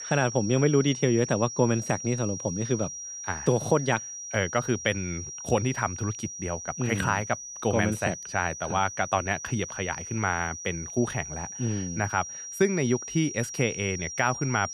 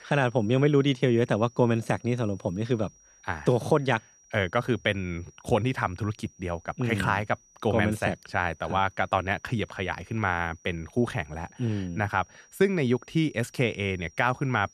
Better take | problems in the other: second | high-pitched whine; loud; throughout; 5.5 kHz, 8 dB below the speech; faint in the second

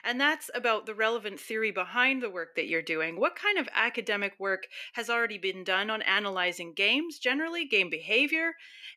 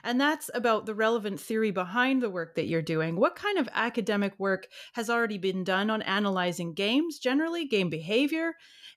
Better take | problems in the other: second | thin; somewhat; fading below 300 Hz

